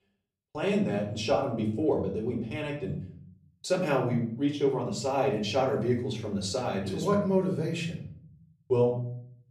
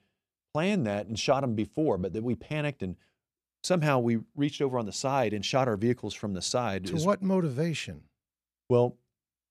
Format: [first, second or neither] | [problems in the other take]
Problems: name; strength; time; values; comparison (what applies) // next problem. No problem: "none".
second | off-mic speech; far // room echo; slight; dies away in 0.6 s